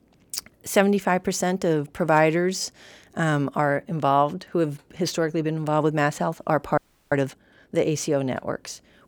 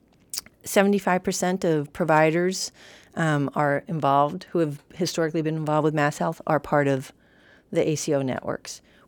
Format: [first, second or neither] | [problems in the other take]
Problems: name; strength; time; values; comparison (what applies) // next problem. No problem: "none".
second | audio freezing; at 7 s